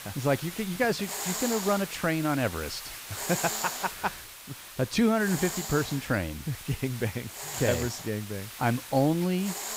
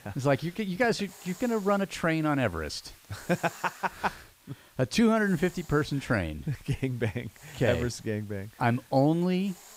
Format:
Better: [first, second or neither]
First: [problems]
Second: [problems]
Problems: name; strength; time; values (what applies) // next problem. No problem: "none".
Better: second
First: hiss; loud; throughout; 7 dB below the speech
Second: hiss; faint; throughout; 25 dB below the speech